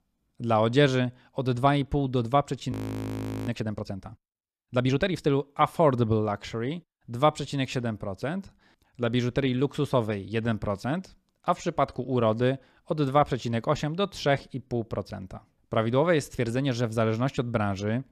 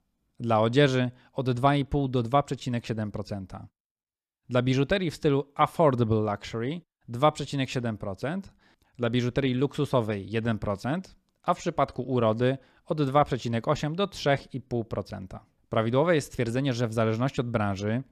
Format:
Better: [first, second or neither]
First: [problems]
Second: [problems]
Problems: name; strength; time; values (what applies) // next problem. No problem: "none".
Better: second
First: audio freezing; at 2.5 s for 1 s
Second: none